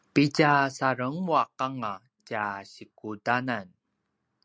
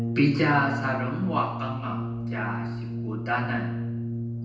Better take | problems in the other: first | background sound (Brass instrument); 3 dB below the speech // room echo; dies away in 0.9 s

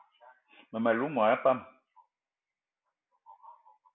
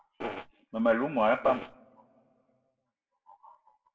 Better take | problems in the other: first | noise reduction (neural separator model SepFormer DNS4)

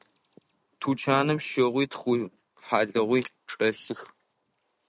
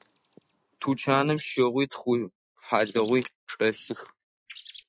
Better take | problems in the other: first | noise reduction (classical method Wiener filter)

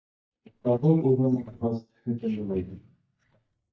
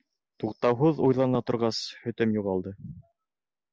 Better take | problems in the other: second | noise reduction (neural mask model DeepFilterNet 3)

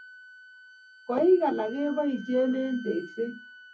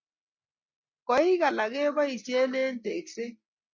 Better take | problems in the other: second | background sound (Wind instrument, woodwind instrument); 19 dB below the speech // room echo; dies away in 0.3 s

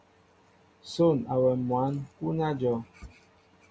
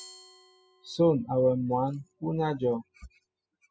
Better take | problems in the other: first | noise reduction (classical method spectral subtraction)

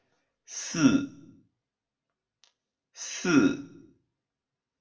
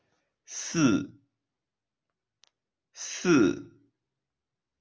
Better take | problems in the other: second | room echo; dies away in 0.5 s

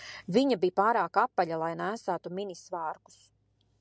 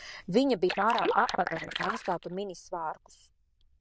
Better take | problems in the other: first | noise reduction (neural diffusion model UNIVERSE++)

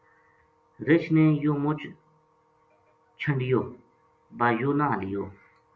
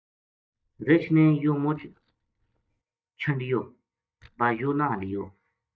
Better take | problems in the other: first | noise reduction (neural mask model DeepFilterNet 3)

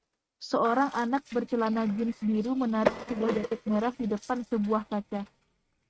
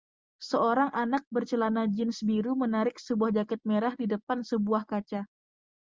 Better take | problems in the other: second | noise reduction (neural mask model RNNoise)

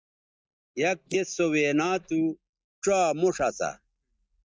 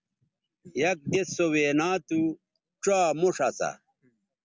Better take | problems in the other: second | noise reduction (neural mask model DeepFilterNet 3)

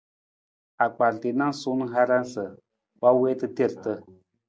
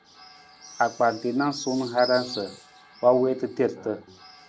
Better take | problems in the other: first | background sound (Bird); 16 dB below the speech

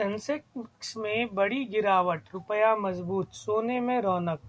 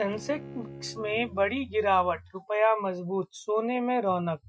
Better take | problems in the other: first | noise reduction (classical method Wiener filter)

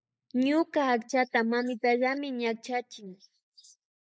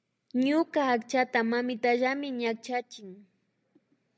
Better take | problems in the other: second | noise reduction (neural mask model Resemble Enhance denoiser)

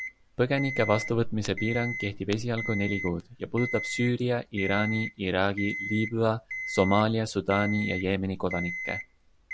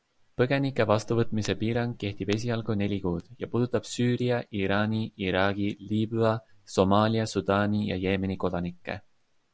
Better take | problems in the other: second | background sound (Alarm); 9 dB below the speech

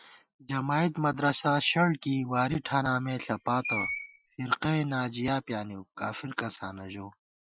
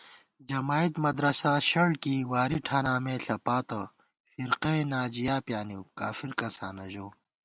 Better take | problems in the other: second | noise reduction (classical method Wiener filter)

